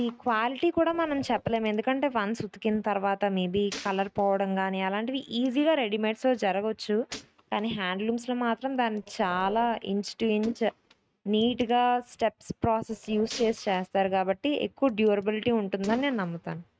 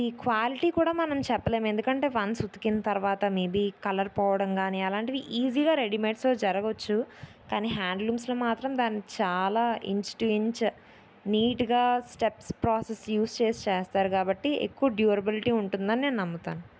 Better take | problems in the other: second | noise reduction (neural mask model RNNoise)

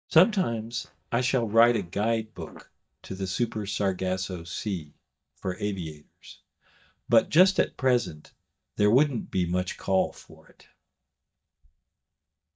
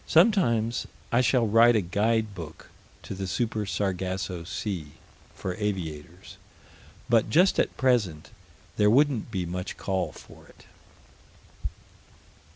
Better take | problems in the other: second | noise reduction (neural mask model DeepFilterNet 3)

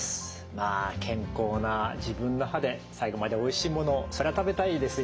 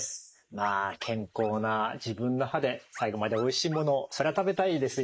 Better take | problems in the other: first | noise reduction (neural mask model Resemble Enhance denoiser)

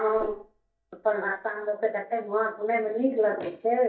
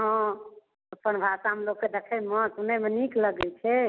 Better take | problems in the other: second | noise reduction (neural mask model DeepFilterNet 3)

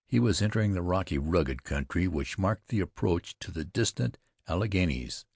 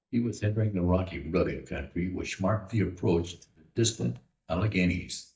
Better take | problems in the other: first | noise reduction (neural mask model DeepFilterNet 3)

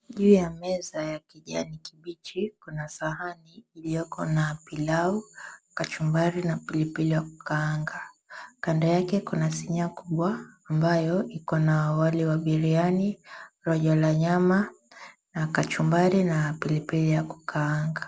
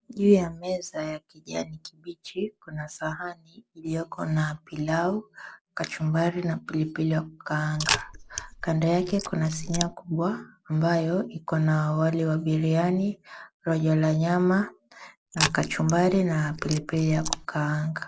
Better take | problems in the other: first | noise reduction (neural mask model Resemble Enhance denoiser)

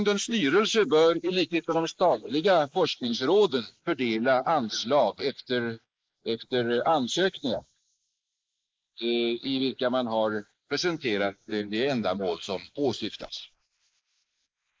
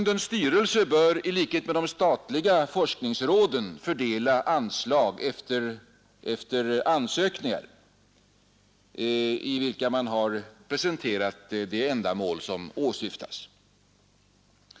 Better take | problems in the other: second | noise reduction (neural mask model Resemble Enhance denoiser)

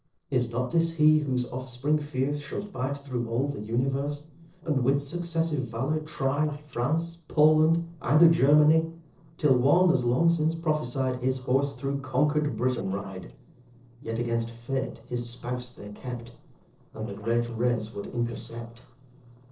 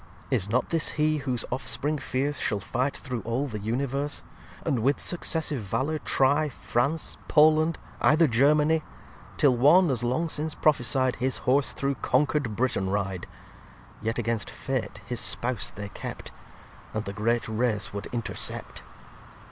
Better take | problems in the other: second | noise reduction (neural separator model SepFormer DNS4)

